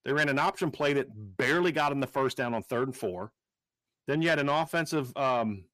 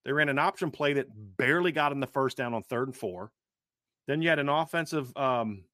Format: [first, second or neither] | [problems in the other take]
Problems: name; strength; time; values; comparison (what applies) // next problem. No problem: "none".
second | distortion; slight; 10 dB below the speech